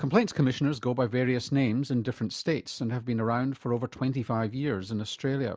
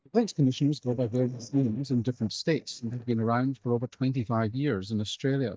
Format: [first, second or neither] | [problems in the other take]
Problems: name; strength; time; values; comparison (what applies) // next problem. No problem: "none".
first | noise reduction (neural mask model DeepFilterNet 3)